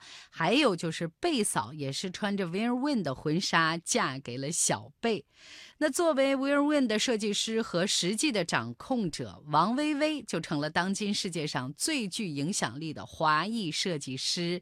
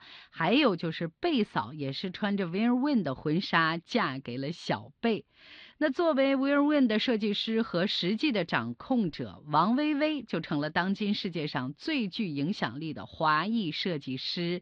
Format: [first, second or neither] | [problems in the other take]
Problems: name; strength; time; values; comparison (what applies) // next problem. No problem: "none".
first | muffled; very slightly; fading above 4 kHz